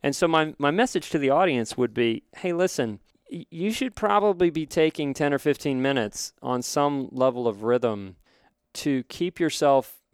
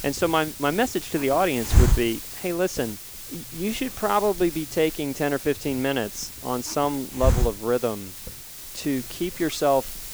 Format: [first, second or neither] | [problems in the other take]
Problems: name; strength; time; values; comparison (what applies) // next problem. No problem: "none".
first | hiss; loud; throughout; 5 dB below the speech